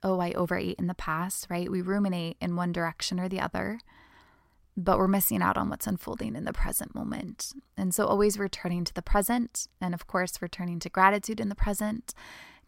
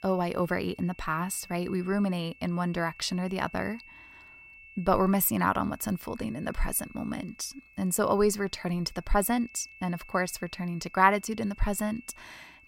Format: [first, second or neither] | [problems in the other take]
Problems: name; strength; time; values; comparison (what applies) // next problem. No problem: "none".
first | high-pitched whine; faint; throughout; 2.5 kHz, 20 dB below the speech